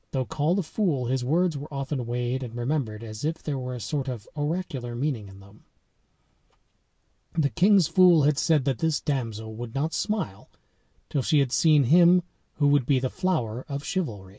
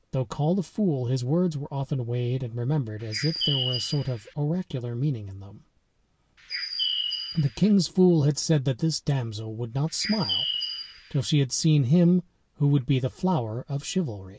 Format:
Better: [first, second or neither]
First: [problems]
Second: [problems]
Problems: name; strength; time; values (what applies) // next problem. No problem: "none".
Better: first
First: none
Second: background sound (Bird); 5 dB below the speech